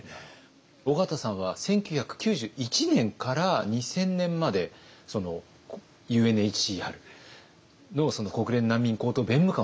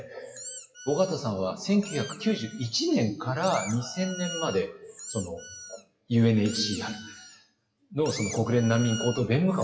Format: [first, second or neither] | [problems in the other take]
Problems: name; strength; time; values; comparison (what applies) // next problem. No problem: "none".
first | noise reduction (classical method WPE with log-MMSE)